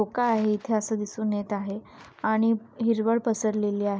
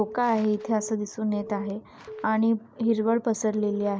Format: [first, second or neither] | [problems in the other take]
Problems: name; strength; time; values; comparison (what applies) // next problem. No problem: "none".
first | background sound (Alarm / Keyboard (musical)); 15 dB below the speech